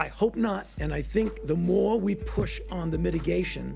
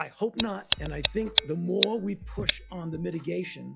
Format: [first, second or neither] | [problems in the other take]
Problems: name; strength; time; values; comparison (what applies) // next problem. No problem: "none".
first | noise reduction (classical method log-MMSE)